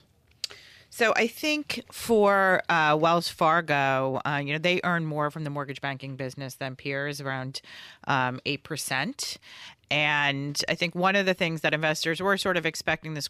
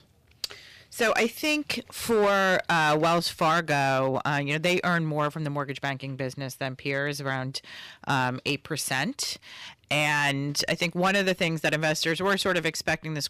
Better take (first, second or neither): first